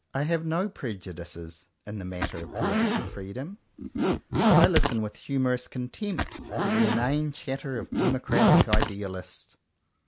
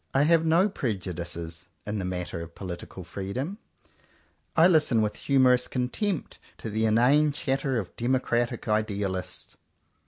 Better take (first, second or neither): second